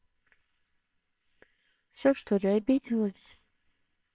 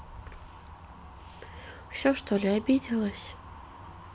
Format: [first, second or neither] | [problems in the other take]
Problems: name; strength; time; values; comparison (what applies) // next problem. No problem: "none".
second | noise reduction (neural separator model SepFormer WHAMR!)